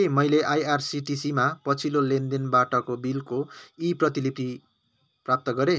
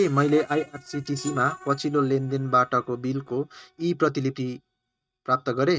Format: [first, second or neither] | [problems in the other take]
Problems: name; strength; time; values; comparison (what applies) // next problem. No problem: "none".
first | noise reduction (neural mask model RNNoise)